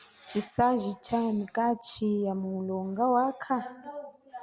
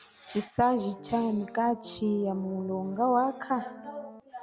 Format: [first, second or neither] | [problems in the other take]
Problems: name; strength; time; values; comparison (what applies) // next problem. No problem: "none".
first | background sound (Piano); 16 dB below the speech